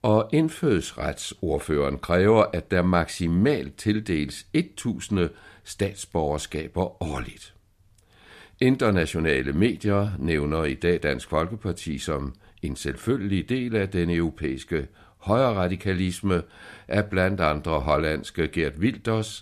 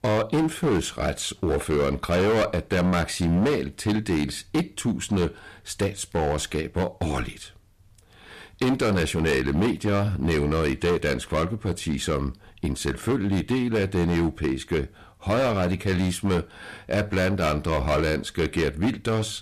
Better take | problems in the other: first | distortion; heavy; 14% of the sound clipped

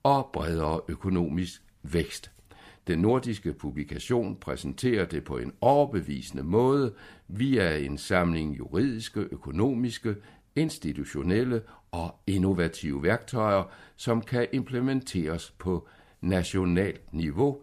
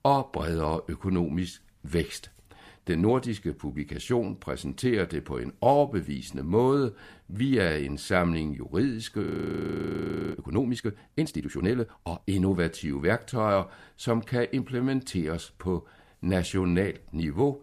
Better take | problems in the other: first | audio freezing; at 9.5 s for 1 s

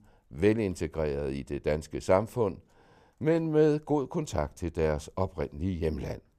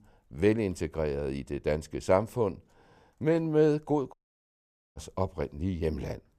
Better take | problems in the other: first | audio cutting out; at 4 s for 1 s

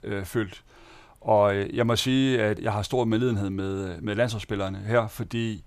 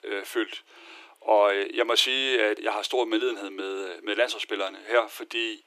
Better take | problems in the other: first | thin; very; fading below 300 Hz

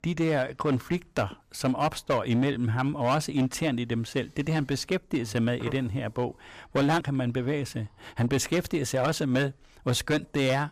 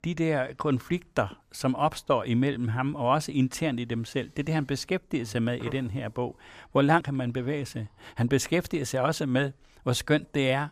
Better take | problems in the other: second | distortion; slight; 7% of the sound clipped

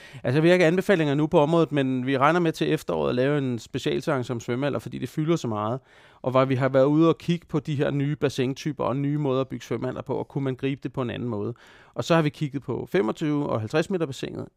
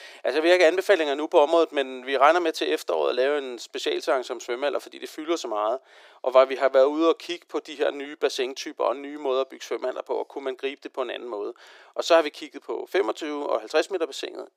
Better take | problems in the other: first | thin; very; fading below 350 Hz

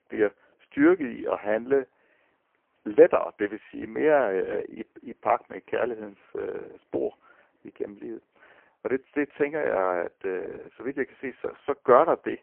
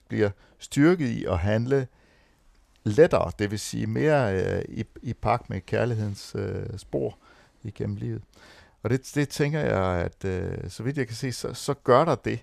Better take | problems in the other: second | phone-call audio; poor line

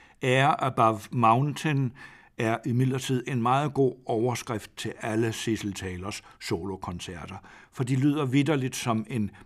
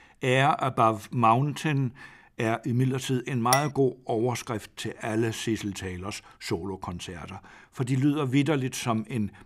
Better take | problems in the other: first | clattering dishes; noticeable; at 3.5 s; peak 1 dB below the speech

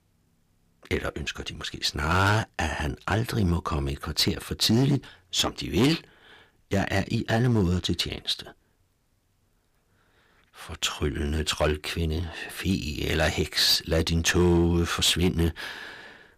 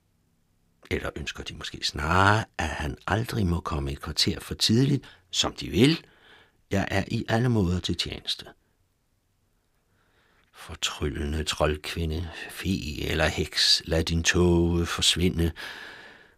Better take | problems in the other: second | distortion; slight; 4% of the sound clipped

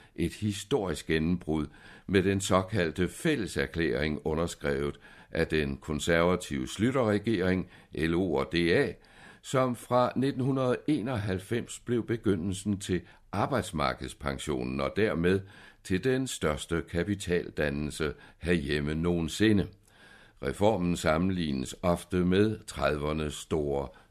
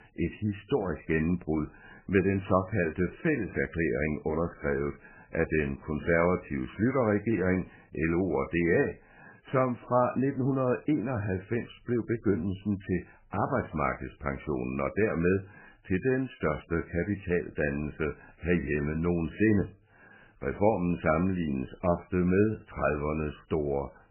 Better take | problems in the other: first | garbled, watery; badly; nothing above 2.5 kHz

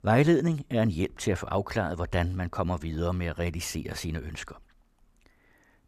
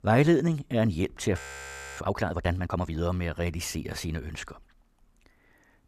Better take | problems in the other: first | audio freezing; at 1.5 s for 0.5 s

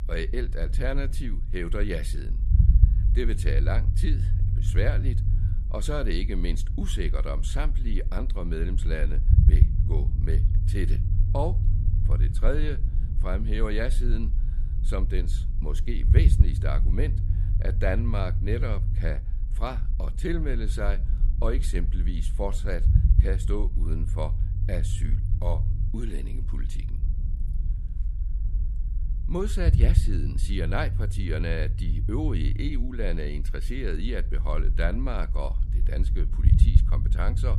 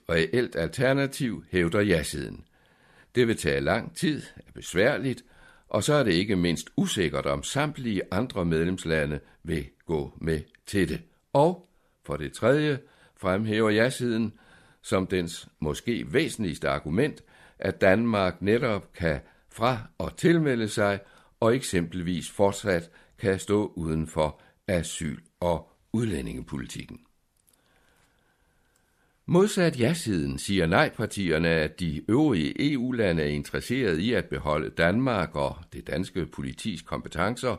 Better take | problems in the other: second | low rumble; loud; throughout; 9 dB below the speech

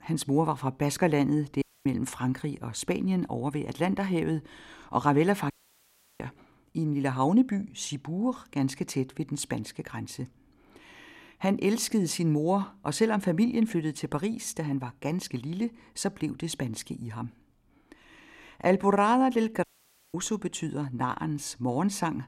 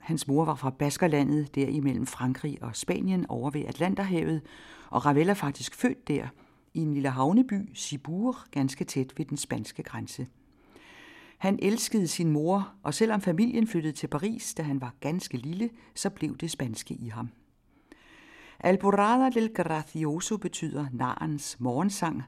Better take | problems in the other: second | audio cutting out; at 1.5 s, at 5.5 s for 0.5 s and at 20 s for 0.5 s

